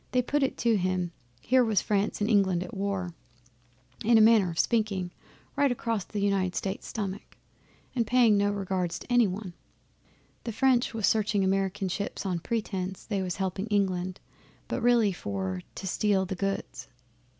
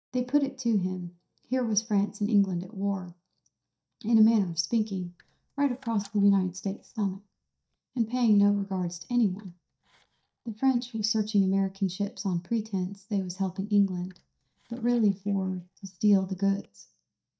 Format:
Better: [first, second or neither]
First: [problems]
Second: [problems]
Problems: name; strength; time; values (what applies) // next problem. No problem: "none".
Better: first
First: none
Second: noise reduction (neural mask model DeepFilterNet 3)